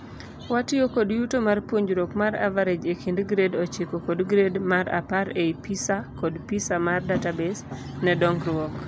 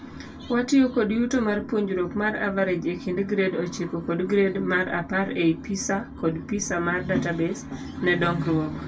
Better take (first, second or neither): first